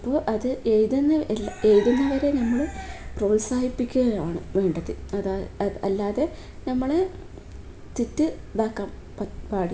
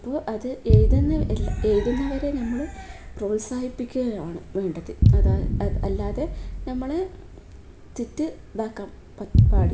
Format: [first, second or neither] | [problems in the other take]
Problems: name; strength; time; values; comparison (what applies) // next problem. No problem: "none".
first | background sound (Boom); 4 dB above the speech